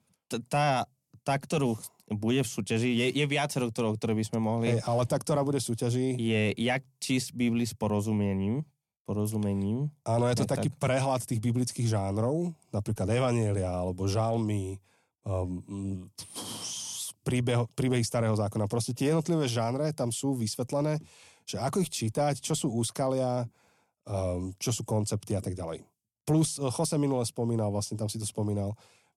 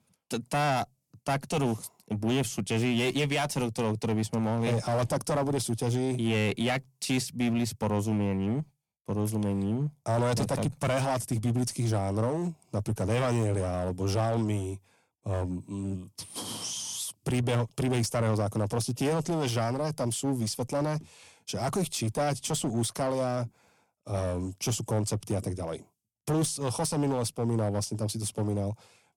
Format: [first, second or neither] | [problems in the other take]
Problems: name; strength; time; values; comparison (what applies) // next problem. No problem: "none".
first | distortion; slight; 12% of the sound clipped